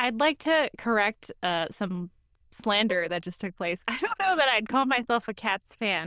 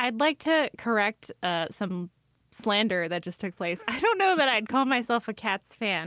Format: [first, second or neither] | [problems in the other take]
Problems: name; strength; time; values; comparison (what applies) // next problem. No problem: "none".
second | noise reduction (neural diffusion model UNIVERSE++)